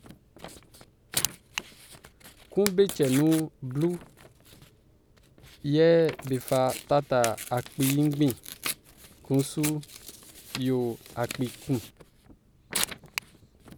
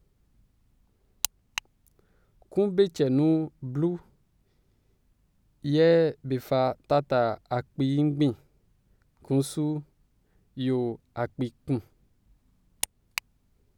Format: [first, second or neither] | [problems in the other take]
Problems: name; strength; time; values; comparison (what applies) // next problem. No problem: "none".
second | background sound (Tearing); 11 dB below the speech